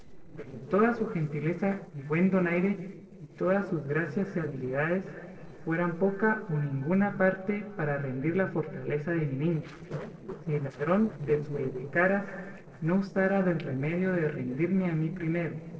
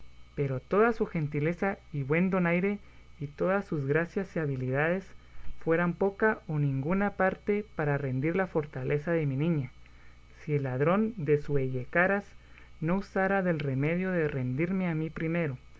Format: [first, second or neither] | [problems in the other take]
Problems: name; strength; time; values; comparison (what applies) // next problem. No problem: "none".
second | noise reduction (neural separator model SepFormer DNS4)